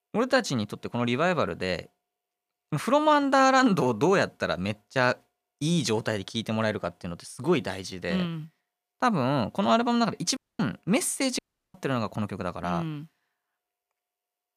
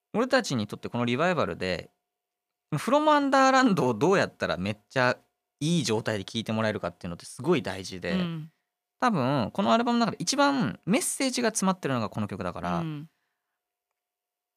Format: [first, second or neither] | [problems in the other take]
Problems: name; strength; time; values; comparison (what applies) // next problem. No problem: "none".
second | audio cutting out; at 10 s and at 11 s